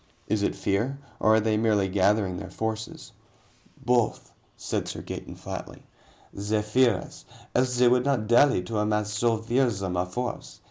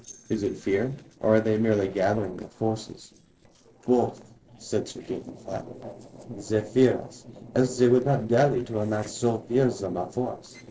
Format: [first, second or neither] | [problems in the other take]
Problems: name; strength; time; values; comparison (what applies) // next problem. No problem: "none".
first | noise reduction (neural separator model SepFormer DNS4)